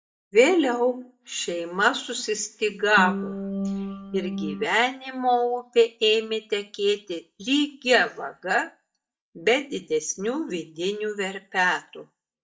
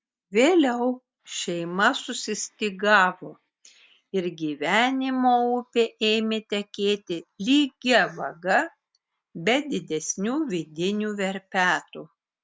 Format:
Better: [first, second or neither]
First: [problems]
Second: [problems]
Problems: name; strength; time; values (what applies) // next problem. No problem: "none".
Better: second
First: noise reduction (neural mask model DeepFilterNet 3)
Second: none